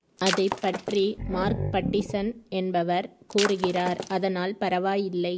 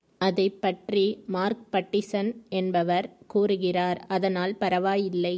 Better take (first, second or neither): second